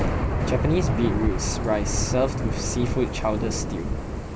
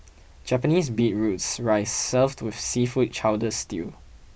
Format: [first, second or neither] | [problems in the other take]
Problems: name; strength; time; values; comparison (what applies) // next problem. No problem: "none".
second | background sound (Thunder / Rain); 1 dB above the speech